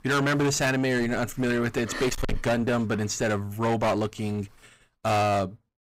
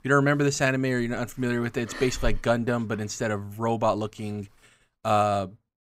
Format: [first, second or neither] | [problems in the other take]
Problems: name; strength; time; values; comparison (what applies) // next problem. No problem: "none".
second | distortion; heavy; 20% of the sound clipped